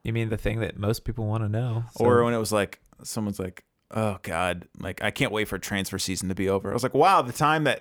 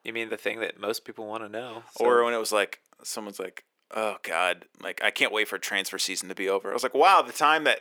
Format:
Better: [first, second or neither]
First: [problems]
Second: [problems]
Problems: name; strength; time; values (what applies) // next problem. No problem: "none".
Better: first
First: none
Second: thin; very; fading below 350 Hz